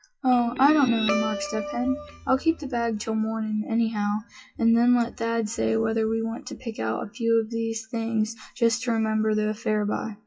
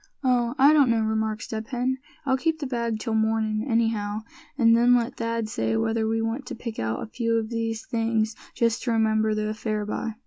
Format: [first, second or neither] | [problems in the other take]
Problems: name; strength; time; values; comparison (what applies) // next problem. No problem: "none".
second | noise reduction (classical method WPE with log-MMSE)